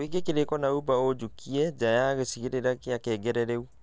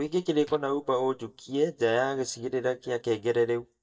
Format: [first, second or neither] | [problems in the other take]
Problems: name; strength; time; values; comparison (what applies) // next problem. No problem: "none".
first | noise reduction (neural mask model DeepFilterNet 3)